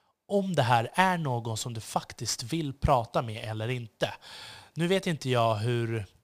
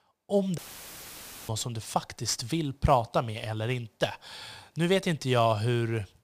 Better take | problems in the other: first | audio cutting out; filled with static; at 0.5 s for 1 s

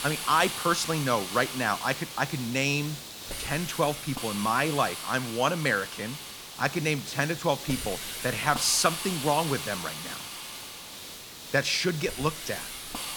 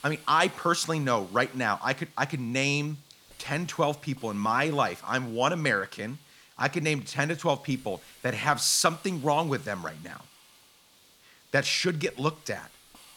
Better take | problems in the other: second | hiss; loud; throughout; 8 dB below the speech; faint in the second

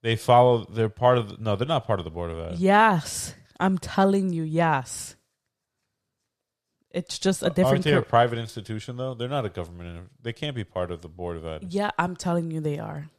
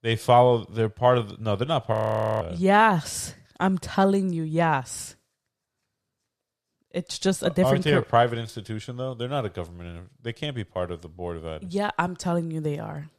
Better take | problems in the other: first | audio freezing; at 2 s

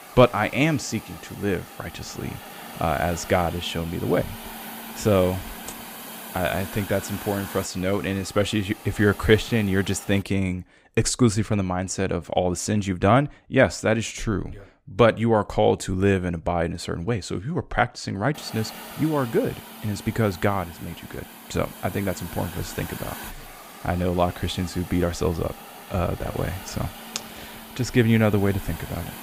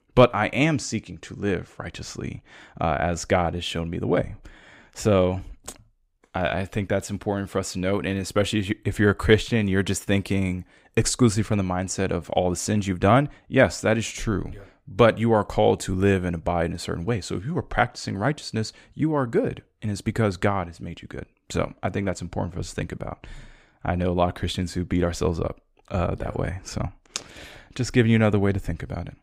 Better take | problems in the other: second | hiss; noticeable; until 10 s and from 18 s on; 15 dB below the speech

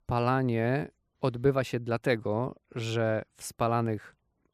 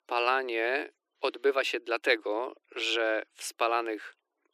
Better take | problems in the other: first | thin; very; fading below 300 Hz

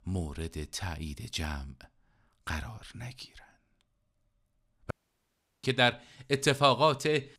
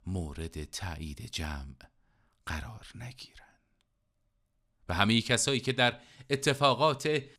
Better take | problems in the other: second | audio cutting out; at 5 s for 0.5 s

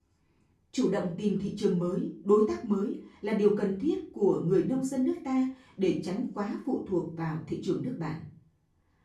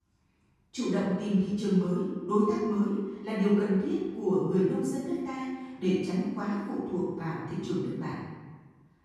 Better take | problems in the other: first | room echo; strong; dies away in 1.1 s; slight in the first // off-mic speech; far; far in the first

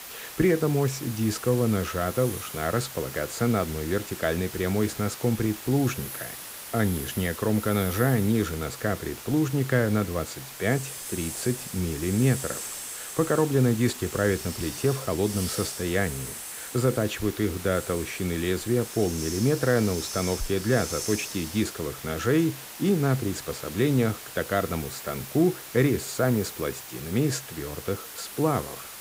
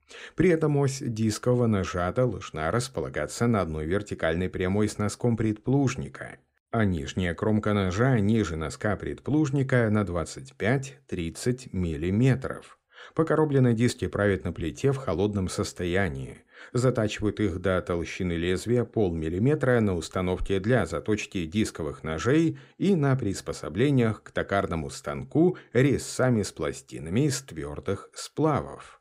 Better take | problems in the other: second | hiss; loud; throughout; 9 dB below the speech

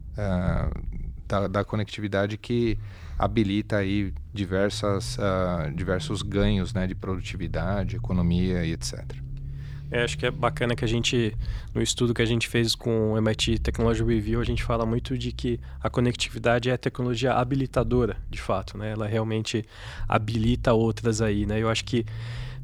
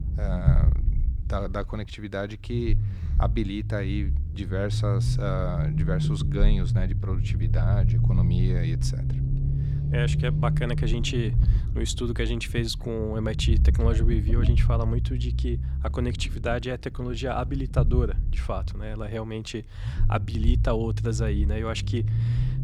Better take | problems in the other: first | low rumble; loud; throughout; 7 dB below the speech; faint in the first

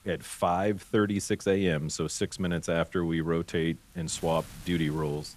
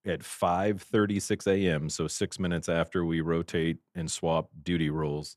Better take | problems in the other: second | wind noise on the microphone; occasional gusts; 25 dB below the speech

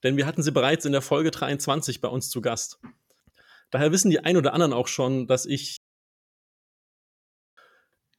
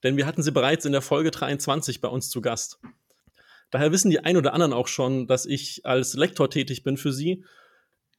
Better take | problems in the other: second | audio cutting out; at 6 s for 2 s

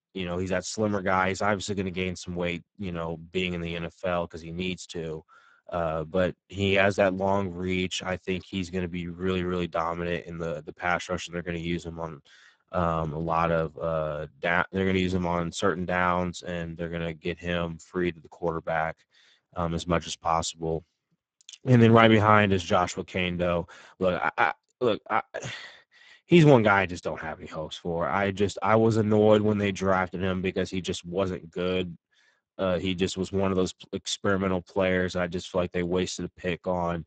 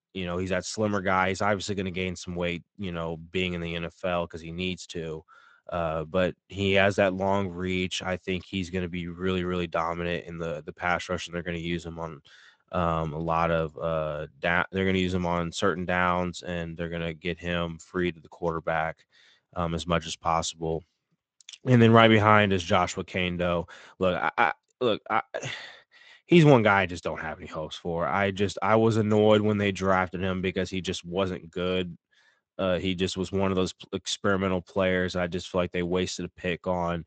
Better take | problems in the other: second | garbled, watery; badly; nothing above 8 kHz; slightly in the second

